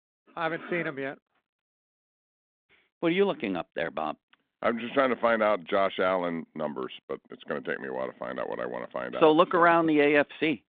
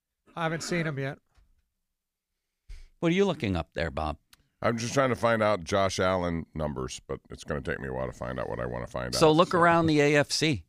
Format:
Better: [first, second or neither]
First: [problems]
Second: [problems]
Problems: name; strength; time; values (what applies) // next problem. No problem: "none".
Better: second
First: phone-call audio; nothing above 3.5 kHz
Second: none